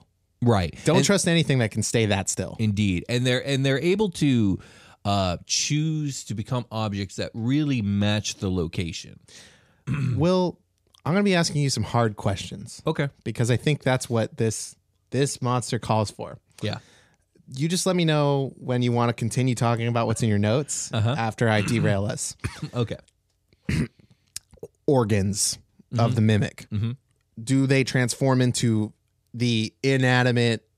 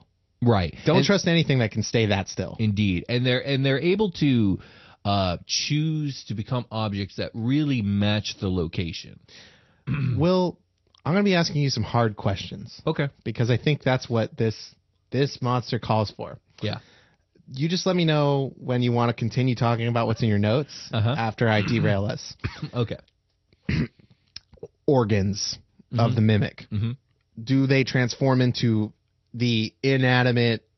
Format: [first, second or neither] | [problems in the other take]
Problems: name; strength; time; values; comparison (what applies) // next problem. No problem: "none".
first | garbled, watery; slightly; nothing above 6 kHz